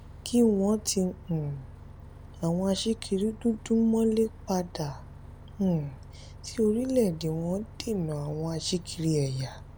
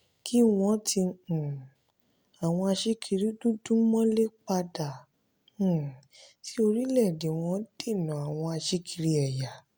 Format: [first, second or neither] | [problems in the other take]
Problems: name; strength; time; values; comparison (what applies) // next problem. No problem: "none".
second | background sound (Bus); 17 dB below the speech